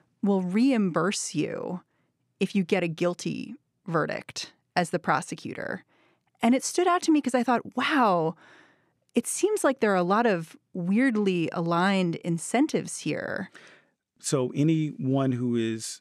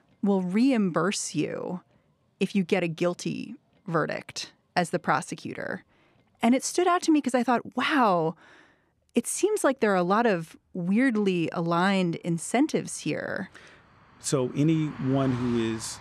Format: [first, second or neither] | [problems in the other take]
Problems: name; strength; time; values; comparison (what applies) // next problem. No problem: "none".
first | traffic noise; noticeable; throughout; 20 dB below the speech